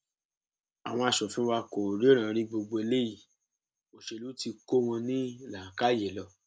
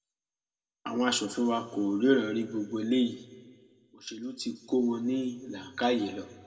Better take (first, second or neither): first